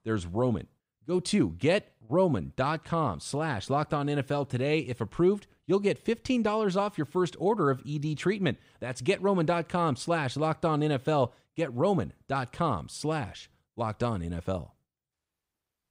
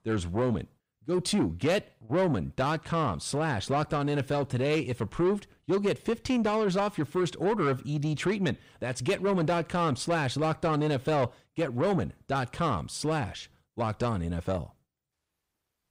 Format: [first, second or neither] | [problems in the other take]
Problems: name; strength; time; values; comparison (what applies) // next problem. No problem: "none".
first | distortion; slight; 10 dB below the speech